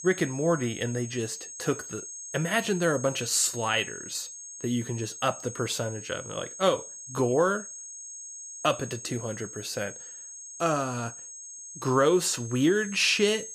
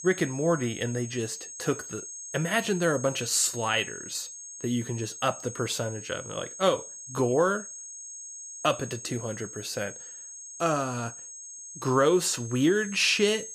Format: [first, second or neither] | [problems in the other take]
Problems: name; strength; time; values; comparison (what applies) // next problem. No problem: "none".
neither | high-pitched whine; noticeable; throughout; 6.5 kHz, 10 dB below the speech; the same in both